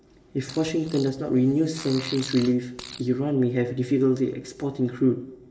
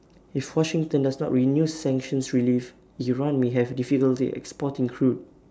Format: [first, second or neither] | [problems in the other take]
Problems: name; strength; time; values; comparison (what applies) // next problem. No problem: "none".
second | background sound (Fart); 16 dB below the speech // room echo; dies away in 0.7 s